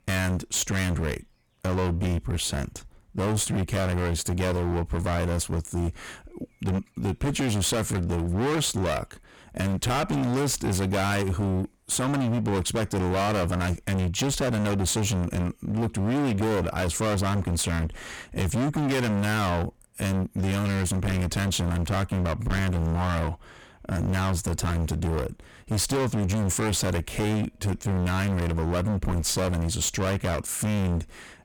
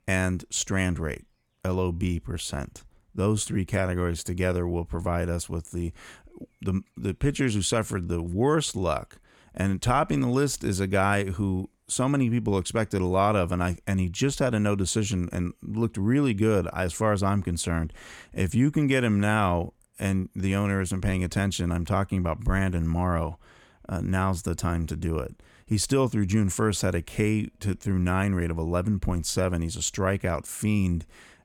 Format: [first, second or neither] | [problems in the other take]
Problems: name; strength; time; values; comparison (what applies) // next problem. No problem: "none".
second | distortion; heavy; 32% of the sound clipped